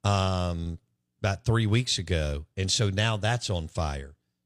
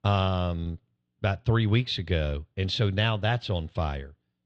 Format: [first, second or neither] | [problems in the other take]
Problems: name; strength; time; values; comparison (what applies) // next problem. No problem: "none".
first | muffled; slightly; fading above 3.5 kHz